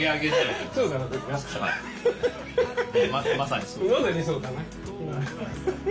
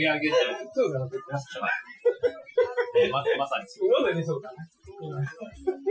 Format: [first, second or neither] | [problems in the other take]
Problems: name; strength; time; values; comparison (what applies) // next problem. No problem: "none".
first | noise reduction (classical method Wiener filter)